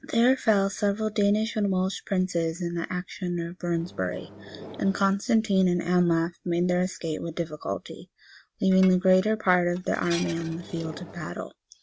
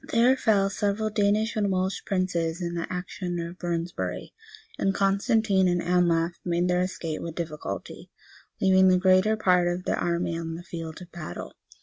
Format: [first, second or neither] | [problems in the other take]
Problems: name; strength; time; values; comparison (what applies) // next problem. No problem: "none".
second | background sound (Microwave oven + Dishes, pots, and pans); 17 dB below the speech